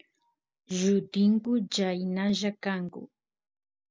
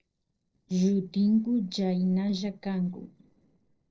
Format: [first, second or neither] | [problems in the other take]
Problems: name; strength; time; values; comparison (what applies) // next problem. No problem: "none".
first | noise reduction (neural separator model SepFormer DNS4)